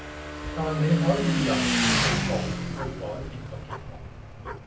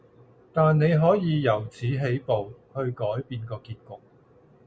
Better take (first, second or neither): second